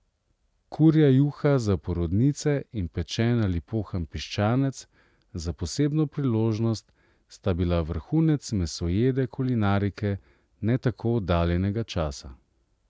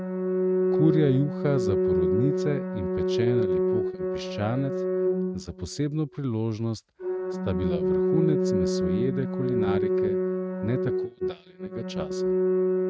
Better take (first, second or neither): first